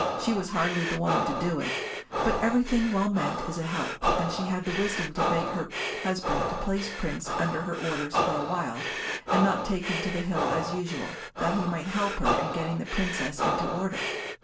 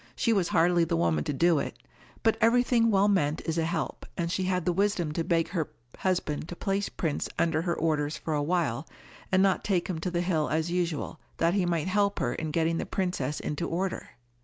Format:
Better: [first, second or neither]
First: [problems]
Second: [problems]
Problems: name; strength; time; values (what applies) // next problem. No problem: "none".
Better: second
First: background sound (Breathing); 1 dB below the speech // room echo; dies away in 0.3 s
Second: none